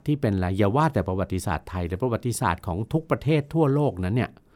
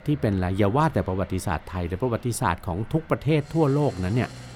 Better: first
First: none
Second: traffic noise; faint; throughout; 20 dB below the speech

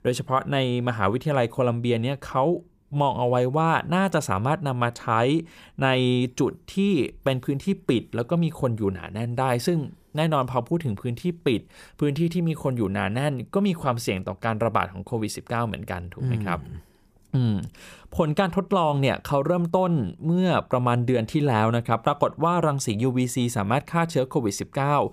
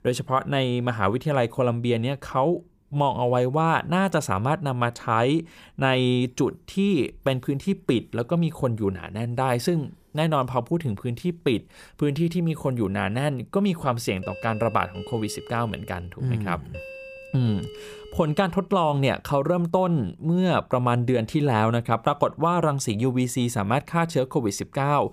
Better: first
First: none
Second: doorbell; faint; from 14 to 19 s; peak 15 dB below the speech

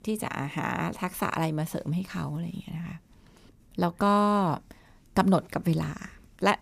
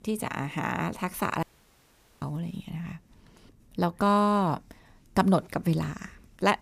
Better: first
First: none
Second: audio cutting out; at 1.5 s for 1 s

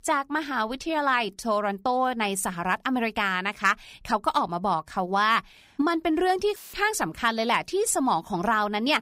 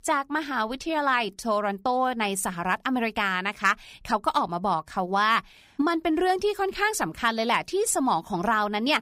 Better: second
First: audio cutting out; filled with static; at 6.5 s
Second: none

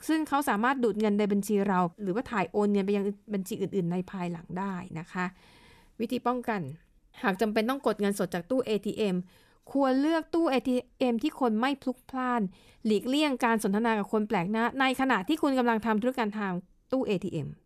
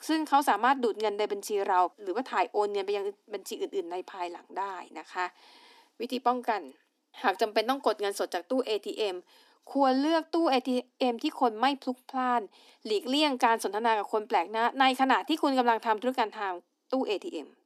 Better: first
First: none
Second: thin; somewhat; fading below 250 Hz

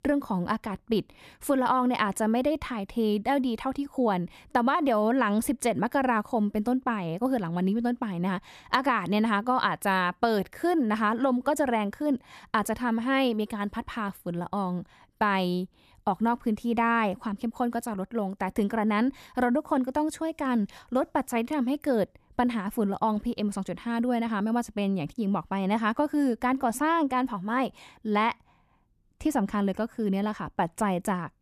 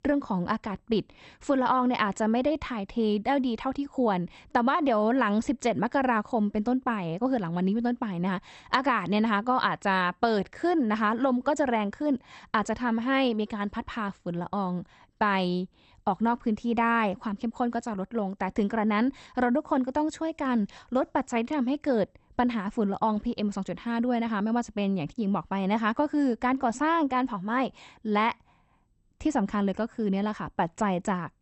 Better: first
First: none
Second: garbled, watery; slightly; nothing above 8 kHz

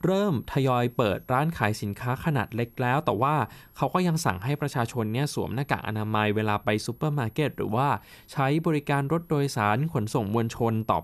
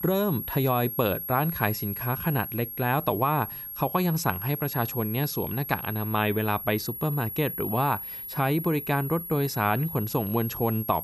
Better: first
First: high-pitched whine; faint; throughout; 11.5 kHz, 30 dB below the speech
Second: high-pitched whine; loud; throughout; 11.5 kHz, 6 dB below the speech

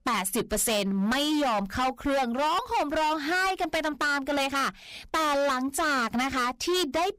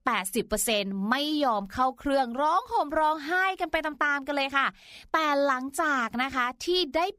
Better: second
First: distortion; heavy; 27% of the sound clipped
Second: none

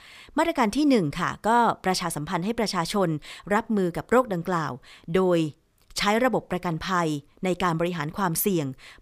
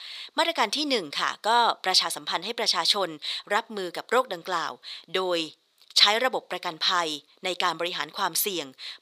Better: first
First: none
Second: thin; somewhat; fading below 500 Hz

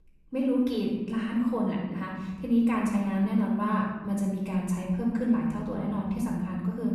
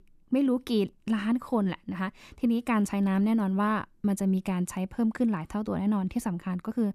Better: second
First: off-mic speech; far // room echo; noticeable; dies away in 1.5 s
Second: none

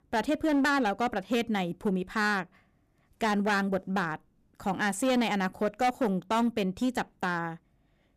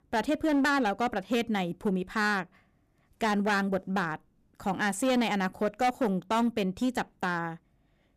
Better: neither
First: distortion; slight; 8% of the sound clipped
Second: distortion; slight; 8% of the sound clipped

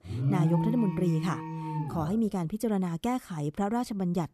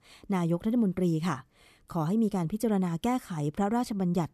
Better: second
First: alarm; loud; until 2 s; peak 3 dB above the speech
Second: none

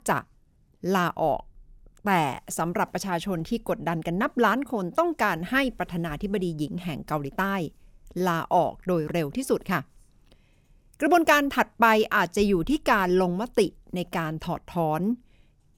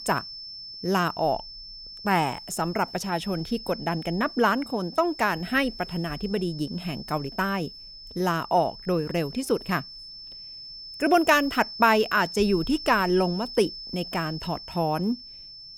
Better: first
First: none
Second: high-pitched whine; noticeable; throughout; 5.5 kHz, 10 dB below the speech

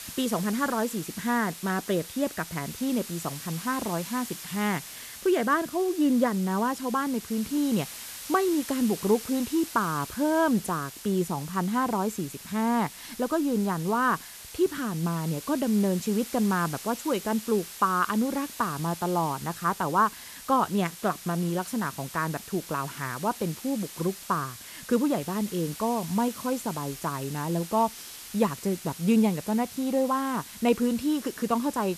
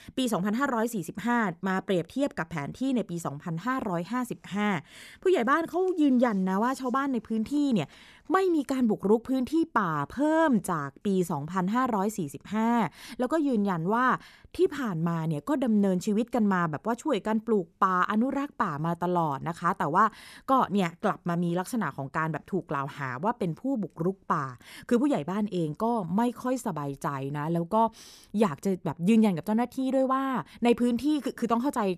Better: second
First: hiss; noticeable; throughout; 10 dB below the speech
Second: none

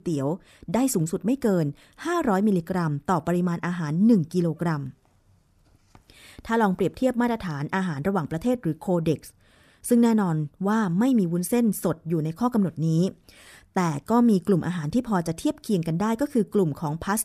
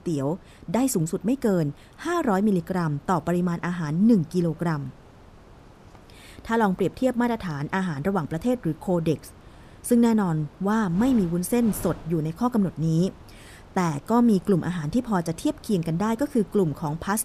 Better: first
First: none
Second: wind noise on the microphone; occasional gusts; 25 dB below the speech

